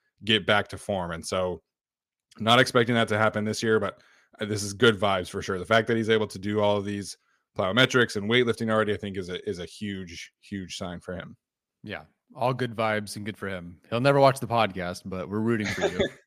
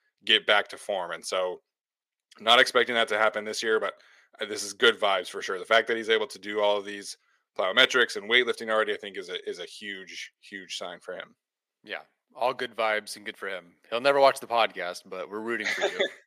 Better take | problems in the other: first | thin; somewhat; fading below 500 Hz

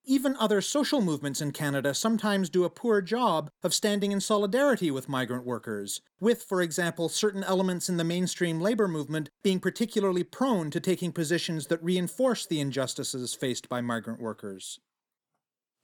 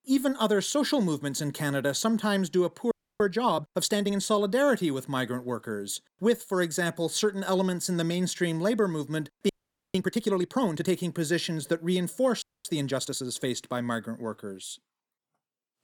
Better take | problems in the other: first | audio freezing; at 3 s, at 9.5 s and at 12 s

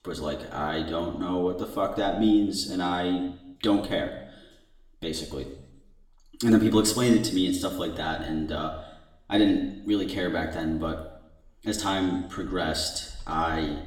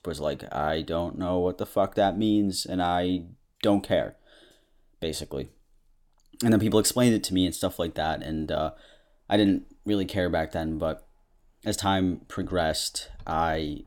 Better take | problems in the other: second | room echo; slight; dies away in 0.8 s // off-mic speech; somewhat distant

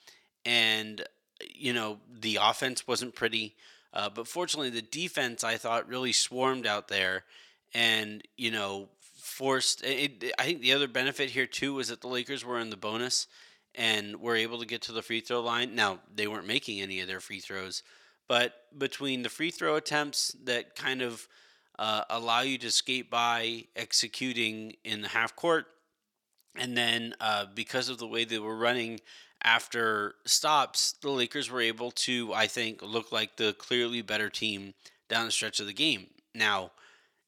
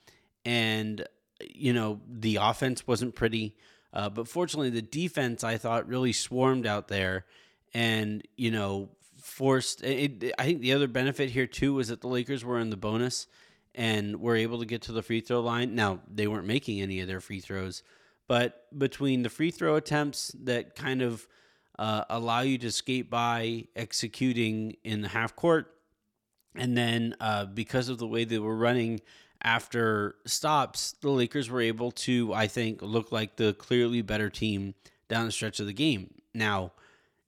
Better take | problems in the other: second | thin; somewhat; fading below 750 Hz

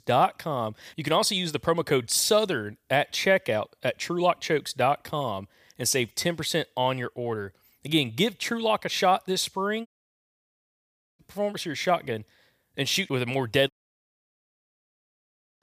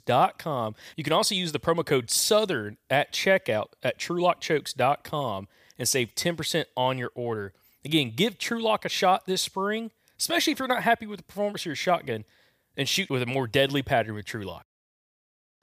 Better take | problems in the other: second | audio cutting out; at 10 s for 1.5 s and at 14 s for 1.5 s

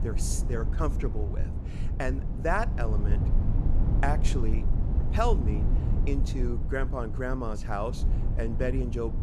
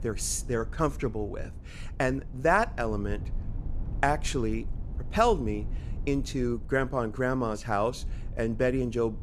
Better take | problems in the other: second | low rumble; loud; throughout; 10 dB below the speech; faint in the second

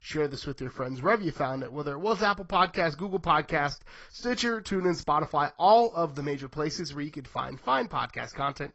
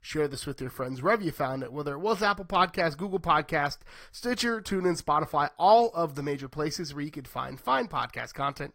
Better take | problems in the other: second | garbled, watery; badly; nothing above 8 kHz; slightly in the second

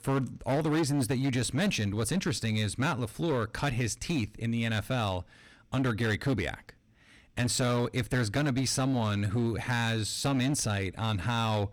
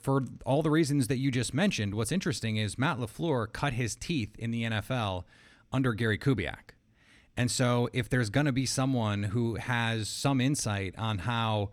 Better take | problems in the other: second | distortion; slight; 12% of the sound clipped

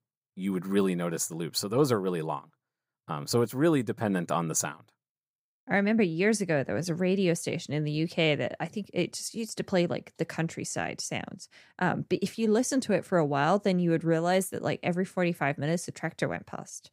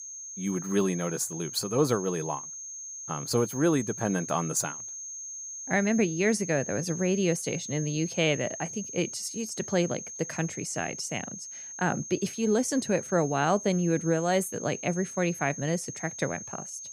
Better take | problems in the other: first | high-pitched whine; loud; throughout; 6.5 kHz, 9 dB below the speech

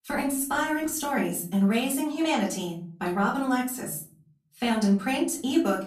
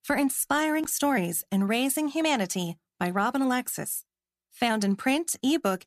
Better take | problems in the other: second | off-mic speech; far // room echo; slight; dies away in 0.5 s

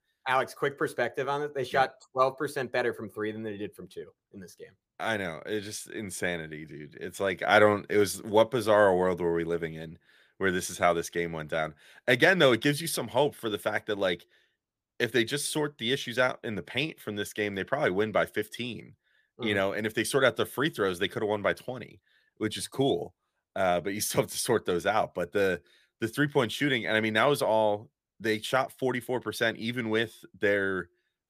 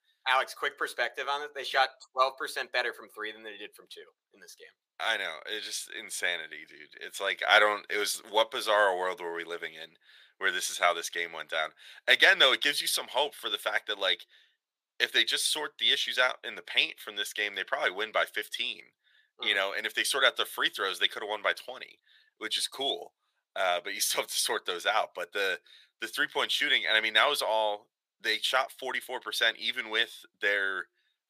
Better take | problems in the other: first | thin; very; fading below 750 Hz

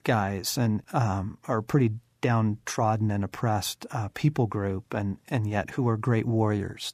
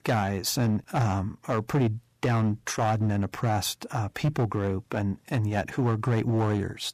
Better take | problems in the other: first | distortion; slight; 8% of the sound clipped

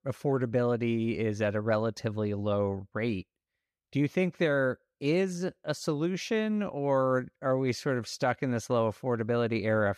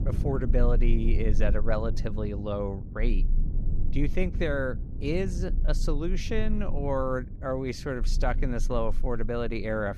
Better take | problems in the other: first | low rumble; noticeable; throughout; 15 dB below the speech

